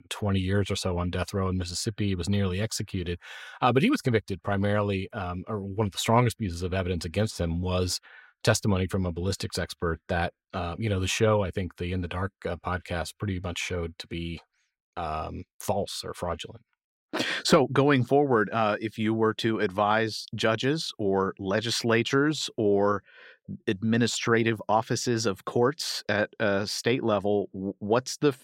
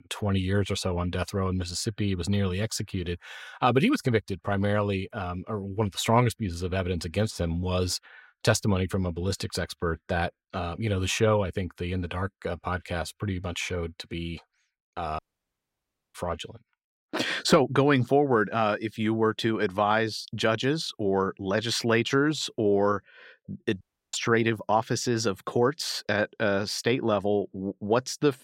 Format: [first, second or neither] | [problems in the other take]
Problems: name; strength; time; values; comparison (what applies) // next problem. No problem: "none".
first | audio cutting out; at 15 s for 1 s and at 24 s